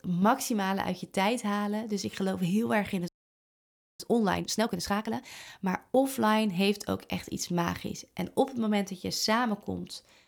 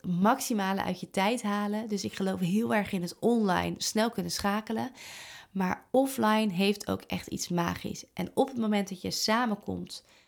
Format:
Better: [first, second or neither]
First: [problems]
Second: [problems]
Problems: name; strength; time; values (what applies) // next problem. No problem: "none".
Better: second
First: audio freezing; at 3 s for 1 s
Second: none